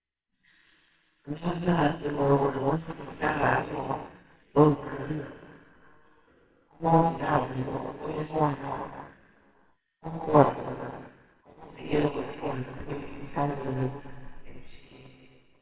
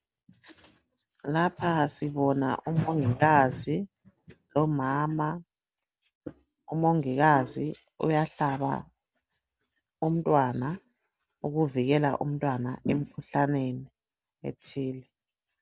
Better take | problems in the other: second | noise reduction (neural separator model SepFormer WHAMR!)

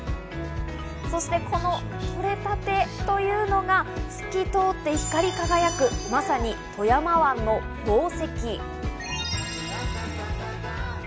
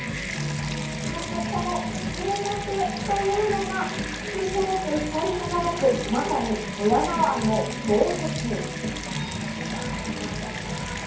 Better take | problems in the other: first | background sound (Bathtub (filling or washing) / Water tap, faucet); 8 dB below the speech // room echo; dies away in 0.6 s

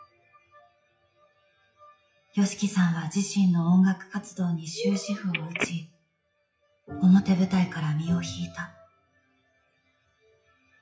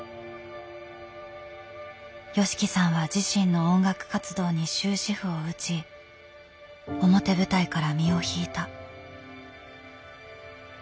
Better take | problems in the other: second | noise reduction (classical method WPE with log-MMSE)

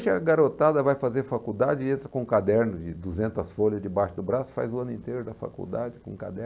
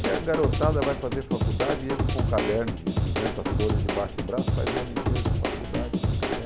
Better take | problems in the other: first | background sound (Drum / Drum kit); 4 dB above the speech

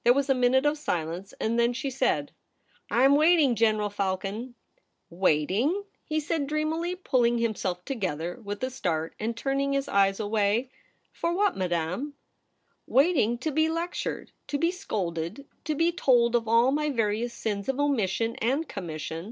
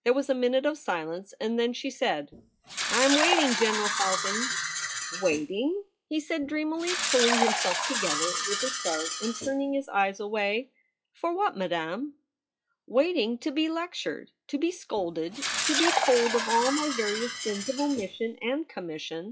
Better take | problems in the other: first | noise reduction (classical method log-MMSE)

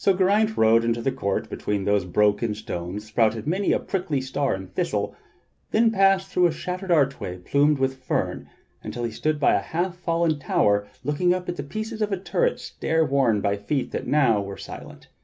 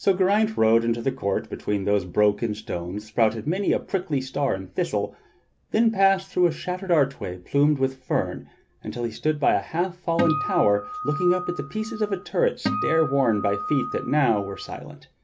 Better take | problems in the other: first | background sound (Acoustic guitar); 7 dB below the speech

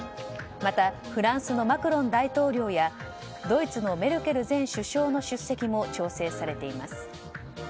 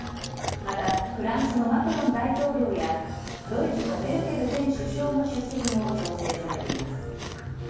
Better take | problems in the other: first | background sound (Chewing, mastication); 10 dB below the speech // room echo; dies away in 1.3 s

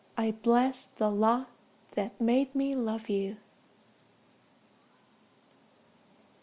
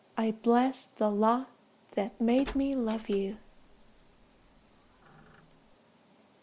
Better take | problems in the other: first | background sound (Door); 18 dB below the speech

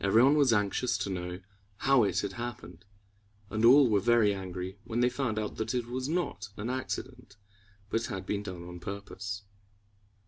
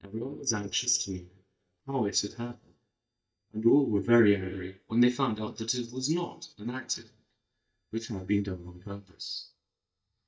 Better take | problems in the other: first | noise reduction (neural mask model DeepFilterNet 3)

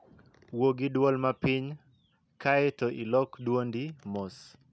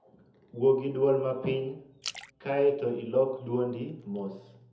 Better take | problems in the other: first | background sound (Splash, splatter); 18 dB below the speech // room echo; dies away in 0.7 s

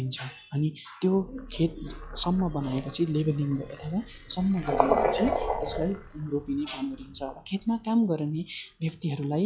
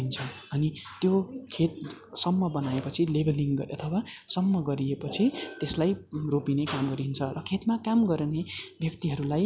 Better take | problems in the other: second | noise reduction (classical method log-MMSE)

